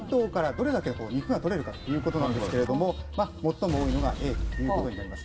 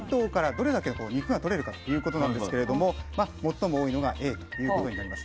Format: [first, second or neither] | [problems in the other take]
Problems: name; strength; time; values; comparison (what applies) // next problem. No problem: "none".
second | background sound (Explosion); 8 dB below the speech // room echo; dies away in 0.5 s